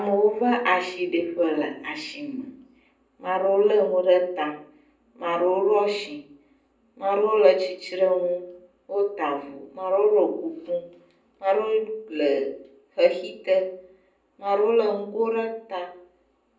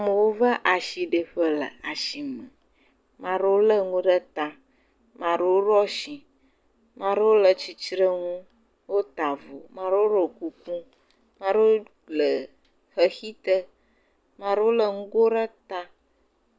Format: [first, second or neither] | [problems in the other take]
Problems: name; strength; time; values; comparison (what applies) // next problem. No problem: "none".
second | room echo; dies away in 0.6 s